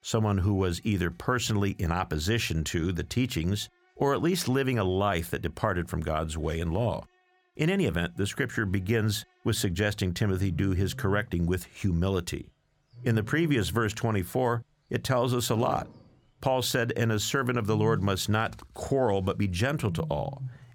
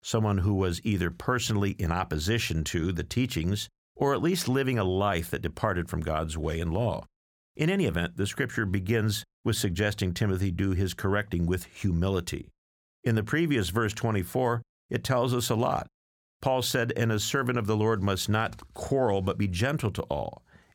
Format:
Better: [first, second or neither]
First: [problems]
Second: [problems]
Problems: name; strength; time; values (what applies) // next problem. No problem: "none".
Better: second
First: animal sounds; noticeable; throughout; 10 dB below the speech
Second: none